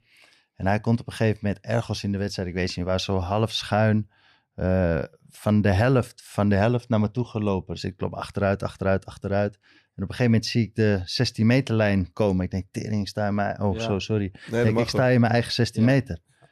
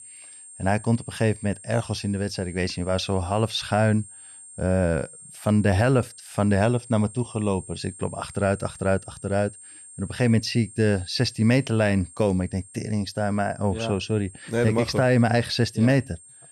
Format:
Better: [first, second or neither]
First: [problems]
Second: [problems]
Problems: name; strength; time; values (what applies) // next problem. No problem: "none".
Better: first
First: none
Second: high-pitched whine; noticeable; throughout; 8.5 kHz, 20 dB below the speech